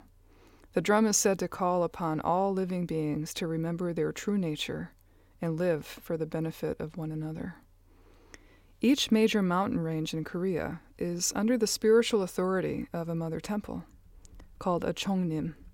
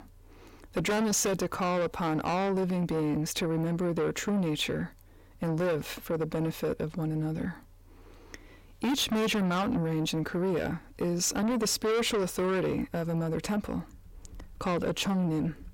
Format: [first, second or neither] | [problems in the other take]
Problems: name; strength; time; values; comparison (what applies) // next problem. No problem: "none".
first | distortion; heavy; 6 dB below the speech